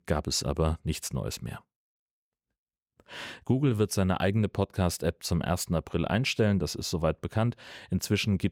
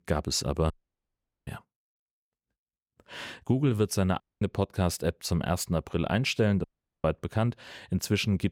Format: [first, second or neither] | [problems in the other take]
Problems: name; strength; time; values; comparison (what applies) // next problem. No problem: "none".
first | audio cutting out; at 0.5 s for 1 s, at 4 s and at 6.5 s